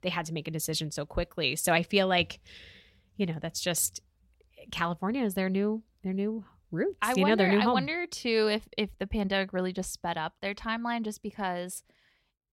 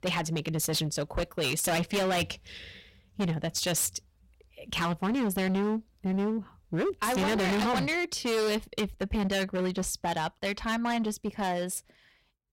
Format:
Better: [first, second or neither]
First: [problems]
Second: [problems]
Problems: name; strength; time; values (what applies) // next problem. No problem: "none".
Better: first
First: none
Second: distortion; heavy; 19% of the sound clipped